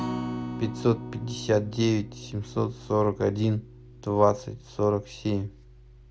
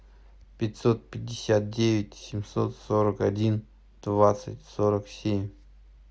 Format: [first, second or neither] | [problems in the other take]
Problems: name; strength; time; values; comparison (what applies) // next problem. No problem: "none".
second | background sound (Acoustic guitar); 11 dB below the speech